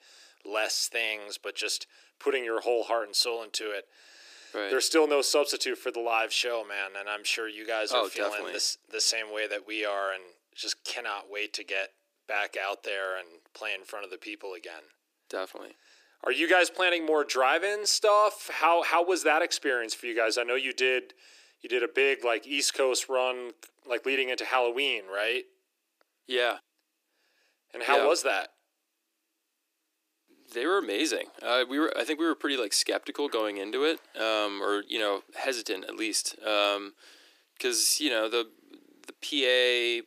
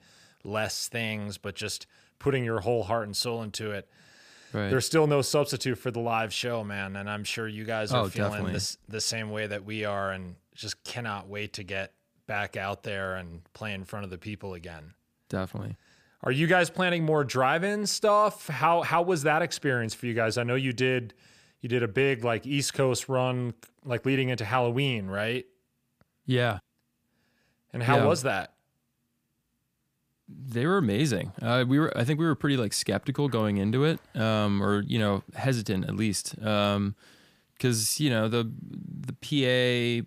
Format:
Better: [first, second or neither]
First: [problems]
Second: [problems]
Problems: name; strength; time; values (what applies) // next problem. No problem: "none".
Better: second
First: thin; very; fading below 300 Hz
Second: none